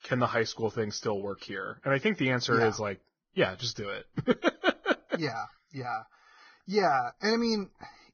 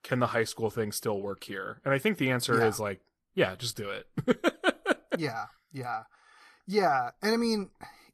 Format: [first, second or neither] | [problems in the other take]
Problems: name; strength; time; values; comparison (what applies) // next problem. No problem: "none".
second | garbled, watery; badly; nothing above 6.5 kHz; slightly in the second